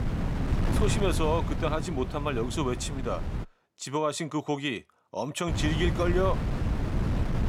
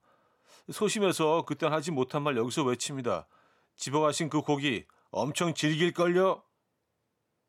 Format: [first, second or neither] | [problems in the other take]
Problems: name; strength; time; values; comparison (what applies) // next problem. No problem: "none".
second | wind noise on the microphone; heavy; until 3.5 s and from 5.5 s on; 8 dB below the speech